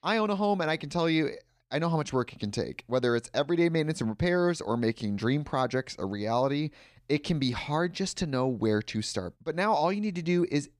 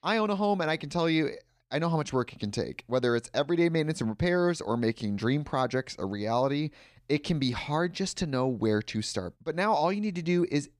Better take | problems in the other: neither | none

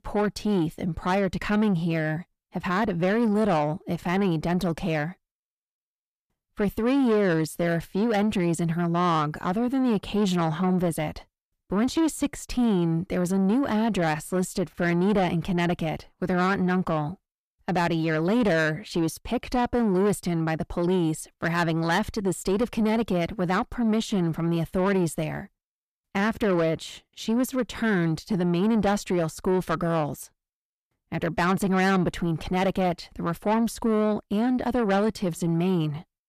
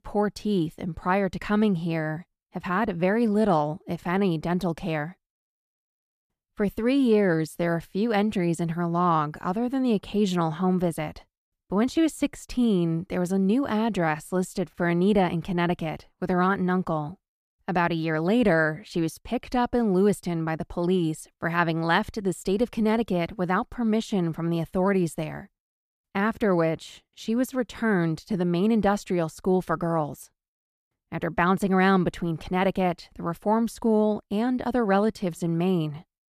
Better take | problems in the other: second | distortion; slight; 10 dB below the speech

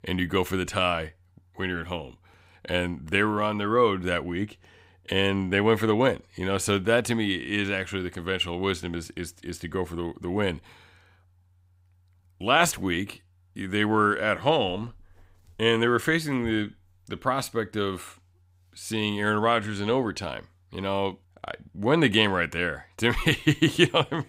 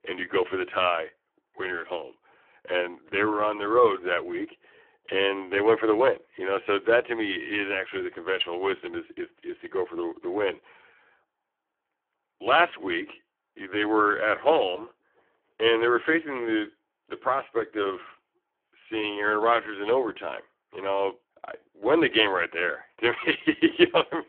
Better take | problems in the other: first | phone-call audio; poor line; nothing above 3 kHz

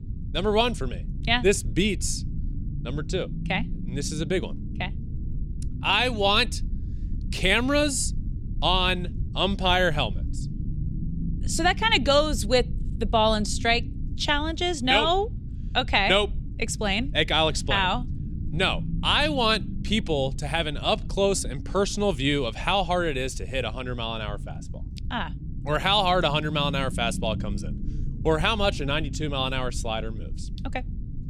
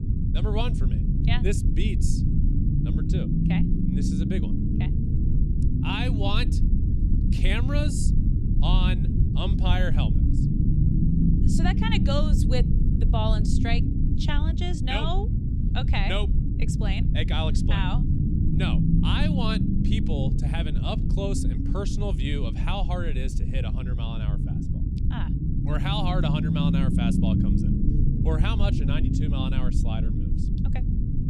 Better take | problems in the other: first | low rumble; loud; throughout; 3 dB below the speech; faint in the first

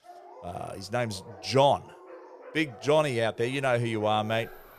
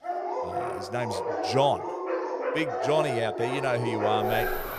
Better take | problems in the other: first | animal sounds; loud; throughout; 2 dB below the speech; faint in the first

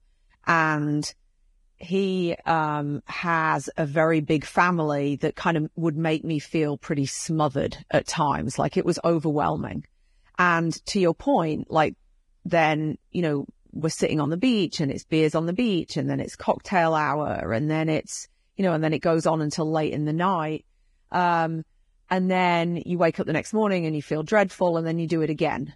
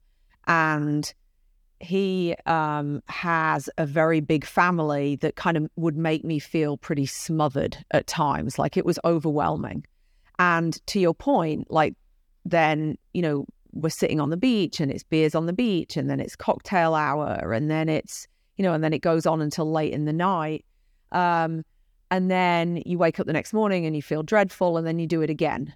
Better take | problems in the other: second | garbled, watery; badly; nothing above 10.5 kHz

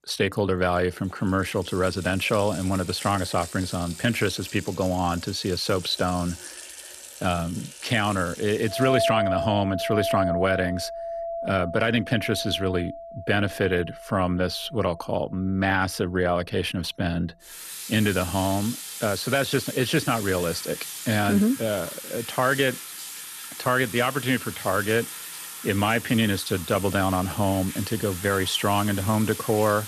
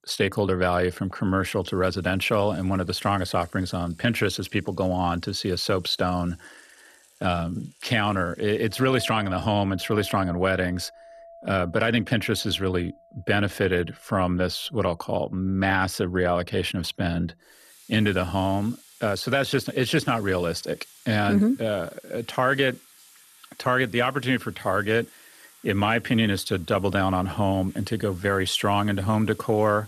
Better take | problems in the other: second | household noises; loud; throughout; 9 dB below the speech; faint in the second

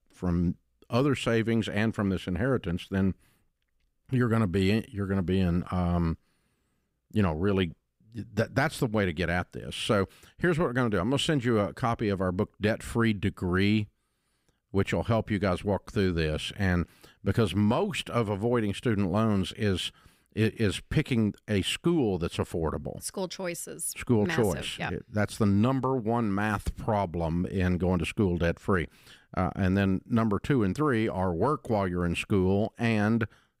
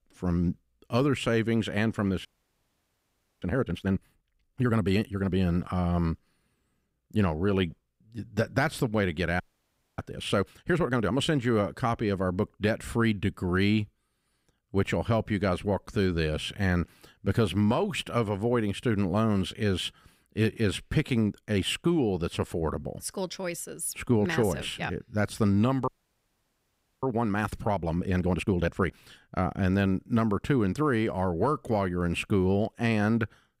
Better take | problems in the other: first | audio freezing; at 2.5 s for 1 s, at 9.5 s for 0.5 s and at 26 s for 1 s

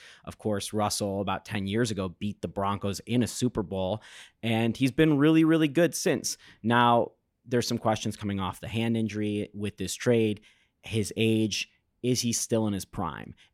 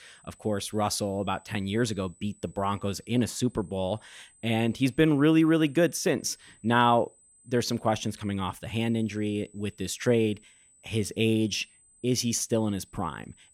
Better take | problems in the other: first | high-pitched whine; faint; throughout; 8 kHz, 30 dB below the speech

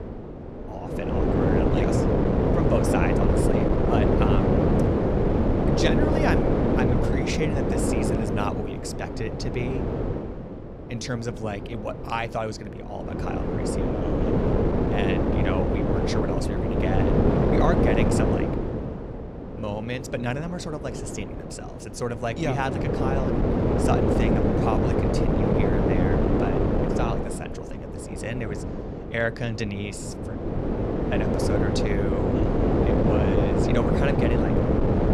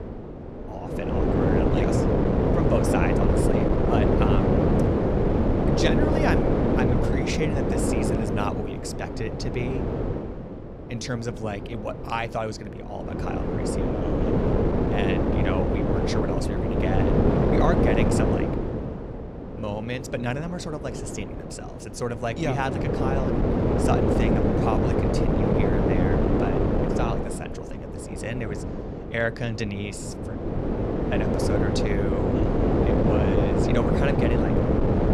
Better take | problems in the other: neither | wind noise on the microphone; heavy; 5 dB above the speech; the same in both

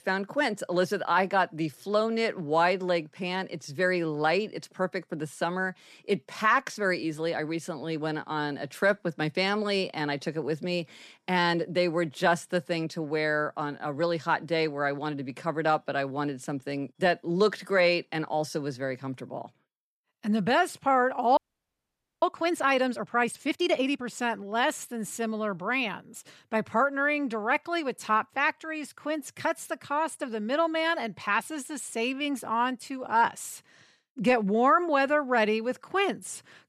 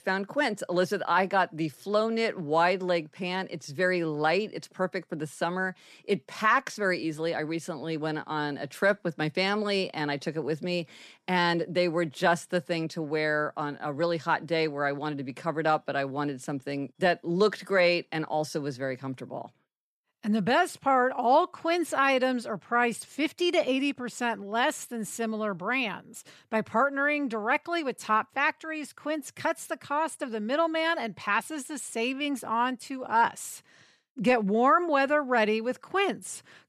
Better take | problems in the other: second | audio freezing; at 21 s for 1 s

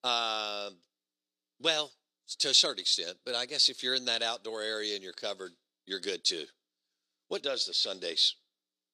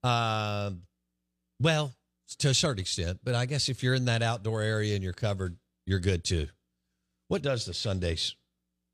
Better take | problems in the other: second | thin; very; fading below 300 Hz

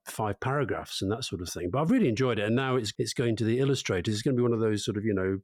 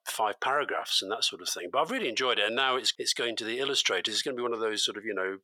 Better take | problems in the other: first | thin; very; fading below 700 Hz

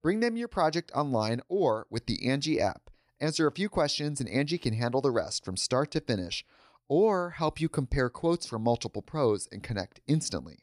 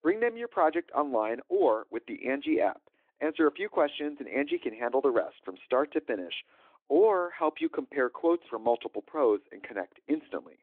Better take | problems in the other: first | phone-call audio; nothing above 3.5 kHz

